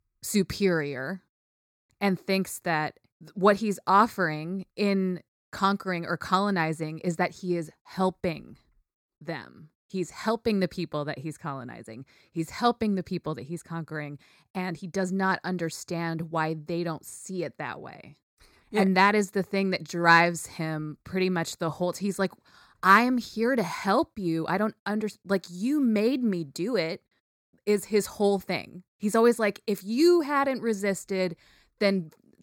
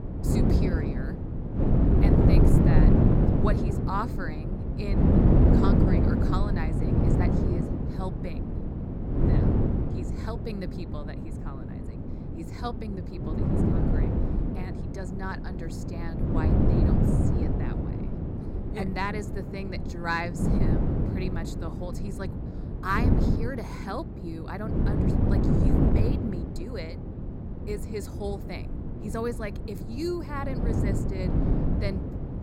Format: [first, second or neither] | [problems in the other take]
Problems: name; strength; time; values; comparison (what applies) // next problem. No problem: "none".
first | wind noise on the microphone; heavy; 2 dB above the speech